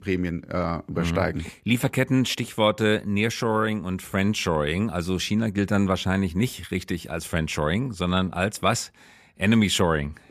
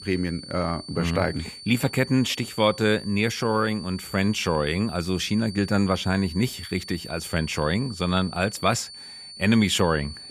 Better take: first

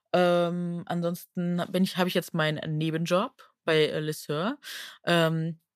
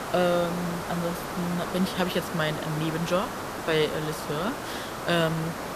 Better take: first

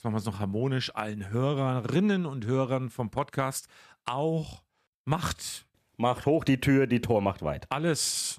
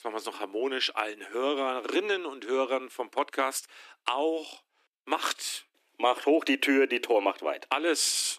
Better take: first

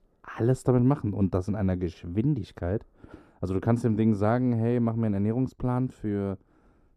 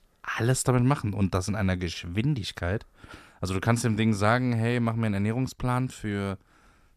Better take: second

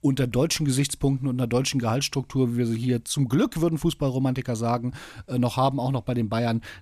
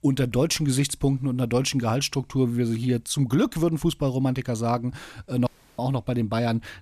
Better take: first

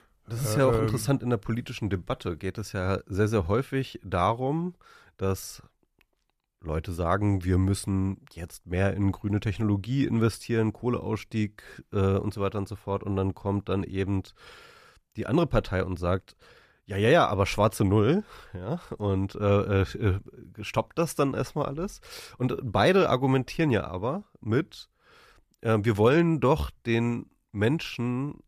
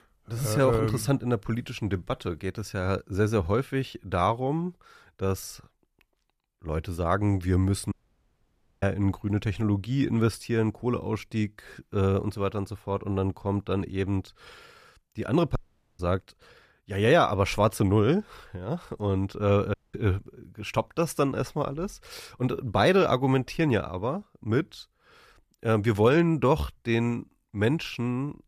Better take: first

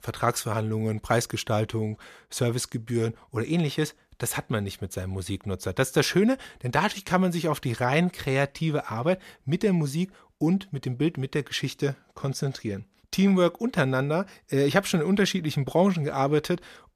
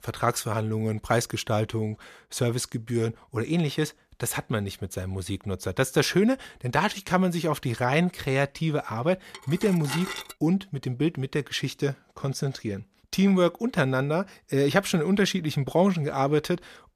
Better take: first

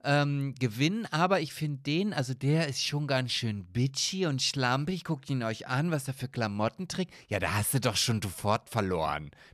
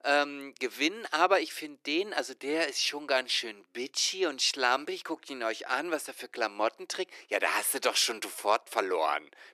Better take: first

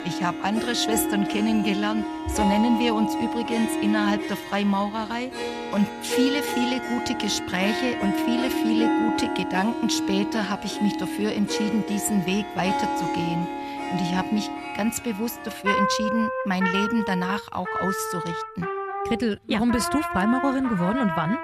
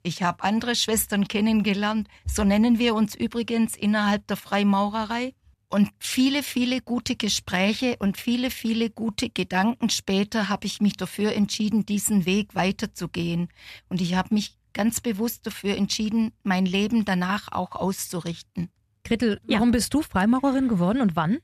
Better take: second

